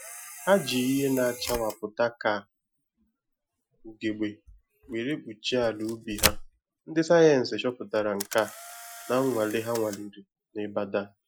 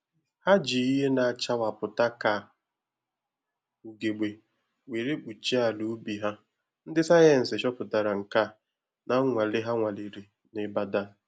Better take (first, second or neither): second